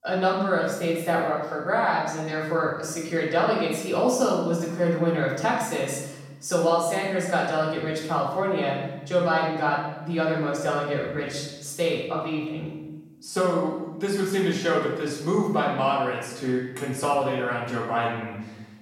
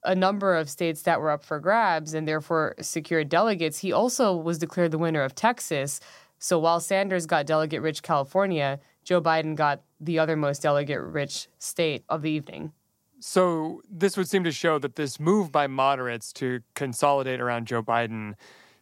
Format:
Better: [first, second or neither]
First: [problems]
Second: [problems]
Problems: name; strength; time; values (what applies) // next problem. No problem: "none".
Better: second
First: off-mic speech; far // room echo; noticeable; dies away in 0.9 s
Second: none